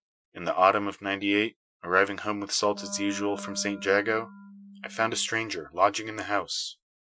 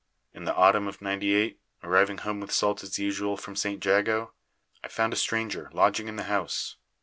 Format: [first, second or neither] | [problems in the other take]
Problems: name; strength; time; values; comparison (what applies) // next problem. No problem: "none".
second | noise reduction (classical method Wiener filter)